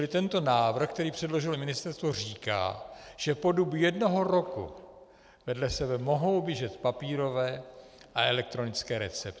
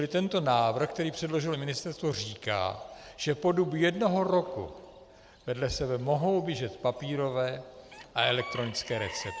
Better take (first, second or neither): first